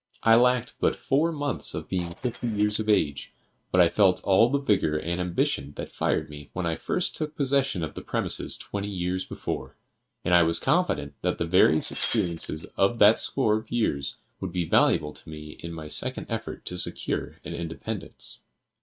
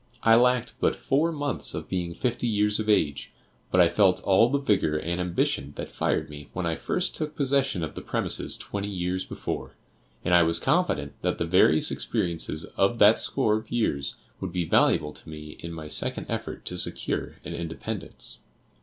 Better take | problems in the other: second | noise reduction (neural mask model RNNoise)

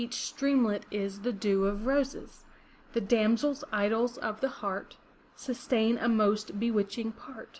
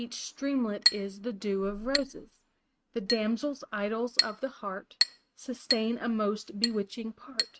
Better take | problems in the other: first | noise reduction (neural mask model RNNoise)

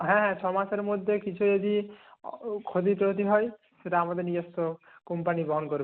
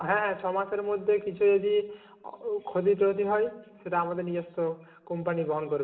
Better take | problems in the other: first | room echo; dies away in 1.7 s

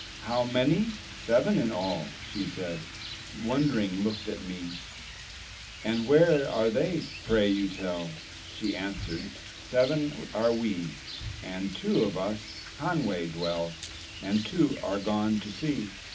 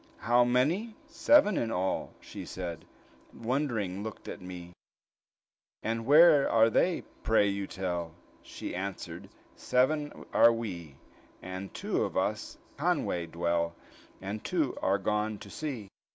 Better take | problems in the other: second | background sound (Rain); 12 dB below the speech // room echo; dies away in 0.4 s

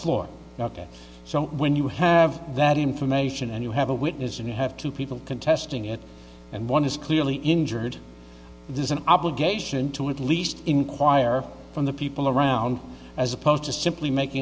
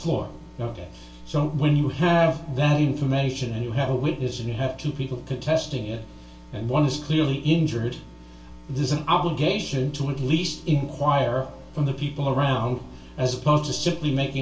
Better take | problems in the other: first | room echo; dies away in 0.3 s

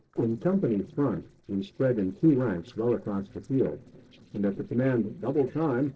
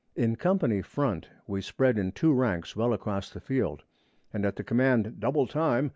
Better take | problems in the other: second | noise reduction (neural separator model SepFormer DNS4)

